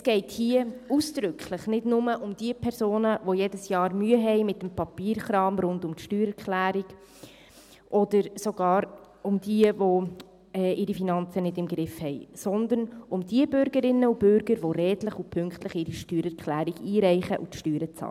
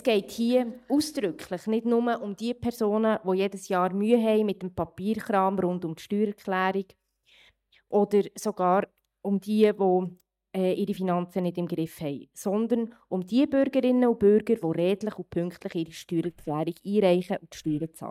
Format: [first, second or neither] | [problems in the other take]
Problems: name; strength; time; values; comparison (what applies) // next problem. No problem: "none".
first | noise reduction (neural mask model DeepFilterNet 3)